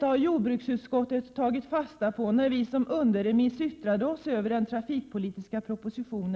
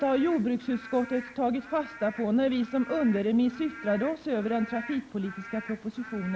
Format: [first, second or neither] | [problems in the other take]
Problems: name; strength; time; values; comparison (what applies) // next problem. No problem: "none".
first | background sound (Rain / Frog); 17 dB below the speech